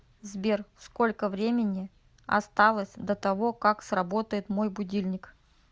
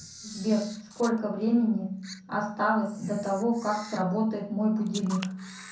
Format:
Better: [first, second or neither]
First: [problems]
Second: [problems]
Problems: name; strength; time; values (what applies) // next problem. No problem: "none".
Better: first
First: none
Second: background sound (Camera); 18 dB below the speech // room echo; dies away in 0.5 s